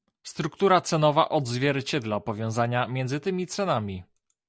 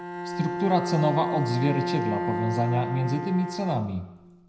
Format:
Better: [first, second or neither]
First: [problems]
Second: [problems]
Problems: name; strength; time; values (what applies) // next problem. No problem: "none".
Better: first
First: none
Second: background sound (Bowed string instrument); 4 dB below the speech // room echo; dies away in 0.8 s